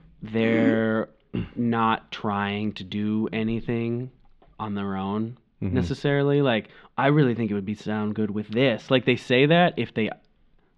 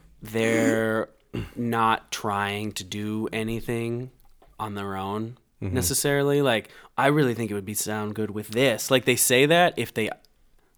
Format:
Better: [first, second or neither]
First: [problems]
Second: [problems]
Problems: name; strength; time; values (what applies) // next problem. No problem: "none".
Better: second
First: muffled; very; fading above 3.5 kHz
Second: none